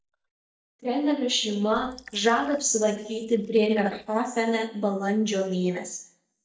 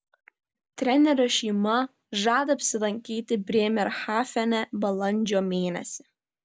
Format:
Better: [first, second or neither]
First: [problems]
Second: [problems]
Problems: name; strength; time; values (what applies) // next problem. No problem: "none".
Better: second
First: noise reduction (neural mask model DeepFilterNet 3)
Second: none